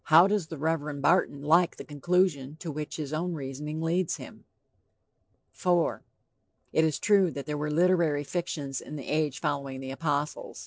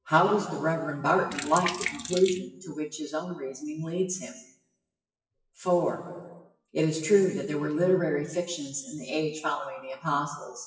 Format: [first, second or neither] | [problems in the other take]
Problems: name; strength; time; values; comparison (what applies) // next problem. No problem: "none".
first | noise reduction (classical method WPE with log-MMSE)